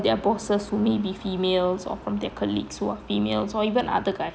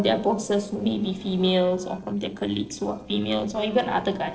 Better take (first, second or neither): first